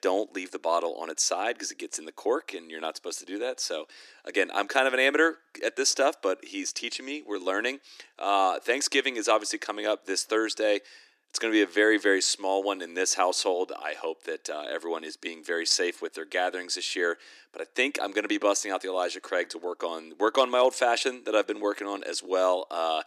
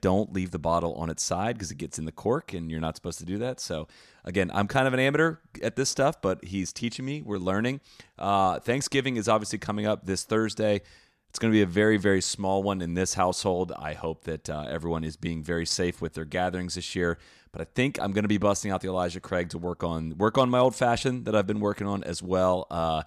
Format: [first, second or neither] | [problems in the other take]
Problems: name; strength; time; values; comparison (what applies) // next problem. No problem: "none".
second | thin; somewhat; fading below 300 Hz